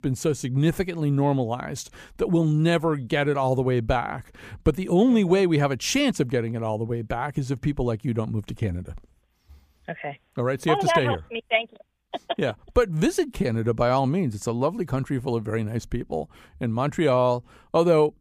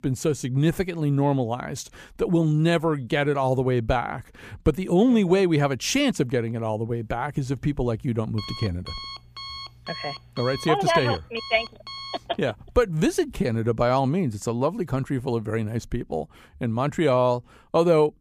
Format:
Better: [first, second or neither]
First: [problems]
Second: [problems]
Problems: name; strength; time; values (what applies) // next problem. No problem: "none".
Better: first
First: none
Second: alarm; faint; from 7 to 13 s; peak 10 dB below the speech